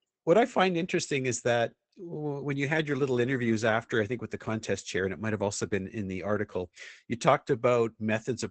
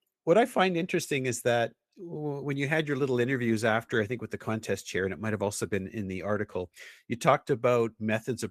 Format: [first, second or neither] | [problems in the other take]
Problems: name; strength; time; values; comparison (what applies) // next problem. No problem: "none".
second | garbled, watery; badly; nothing above 8 kHz; slightly in the second